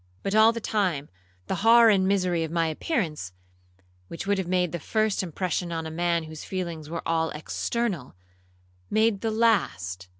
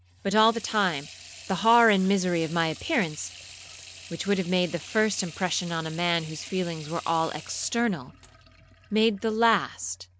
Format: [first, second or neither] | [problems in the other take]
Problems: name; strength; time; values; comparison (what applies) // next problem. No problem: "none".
first | background sound (Sink (filling or washing) / Water tap, faucet); 19 dB below the speech